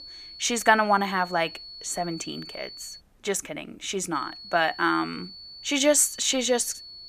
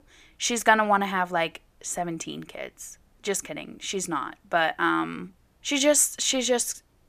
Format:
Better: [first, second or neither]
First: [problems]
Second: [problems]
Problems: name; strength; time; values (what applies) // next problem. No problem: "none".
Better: second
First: high-pitched whine; noticeable; until 3 s and from 4 s on; 4.5 kHz, 15 dB below the speech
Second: none